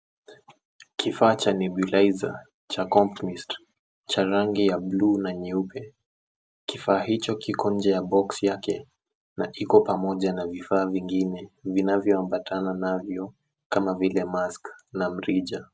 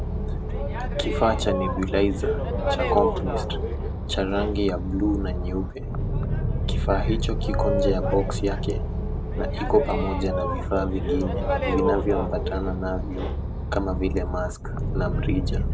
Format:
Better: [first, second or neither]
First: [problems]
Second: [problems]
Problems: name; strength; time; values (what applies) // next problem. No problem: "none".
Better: first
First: none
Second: background sound (Boat, Water vehicle); 2 dB above the speech